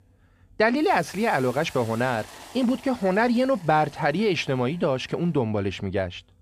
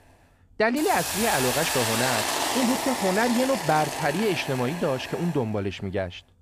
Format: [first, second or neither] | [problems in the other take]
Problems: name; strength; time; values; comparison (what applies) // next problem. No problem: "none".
first | hiss; loud; throughout; 2 dB below the speech; faint in the first